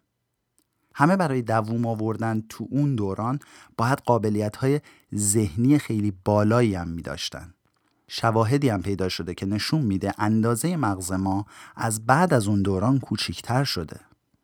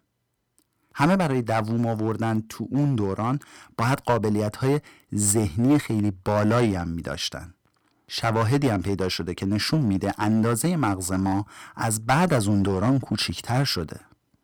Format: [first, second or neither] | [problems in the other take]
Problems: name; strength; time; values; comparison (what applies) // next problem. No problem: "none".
first | distortion; slight; 5% of the sound clipped